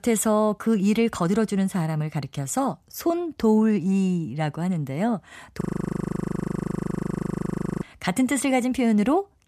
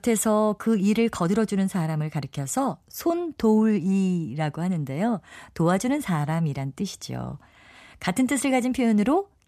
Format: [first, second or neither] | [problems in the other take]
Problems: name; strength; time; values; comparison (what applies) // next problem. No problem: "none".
second | audio freezing; at 5.5 s for 2 s